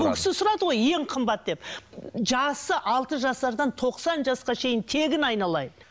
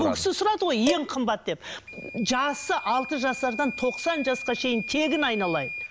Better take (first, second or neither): first